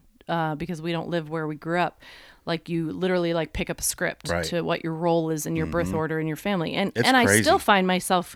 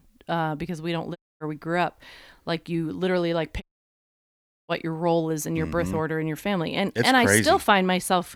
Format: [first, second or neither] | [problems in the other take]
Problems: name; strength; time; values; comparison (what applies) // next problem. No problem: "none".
first | audio cutting out; at 1 s and at 3.5 s for 1 s